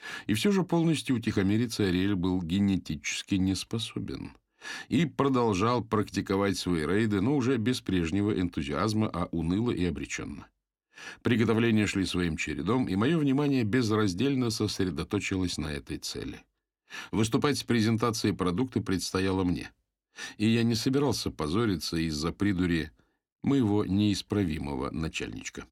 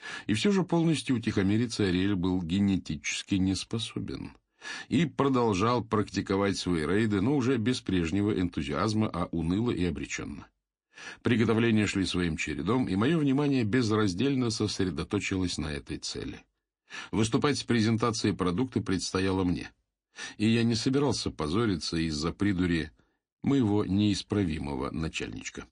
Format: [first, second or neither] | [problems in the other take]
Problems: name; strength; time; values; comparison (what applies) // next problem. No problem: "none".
first | garbled, watery; slightly